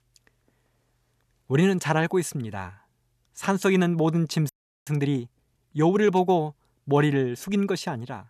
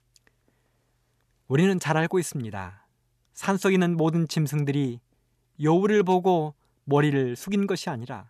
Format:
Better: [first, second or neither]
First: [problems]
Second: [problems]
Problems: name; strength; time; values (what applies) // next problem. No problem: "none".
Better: second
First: audio freezing; at 4.5 s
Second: none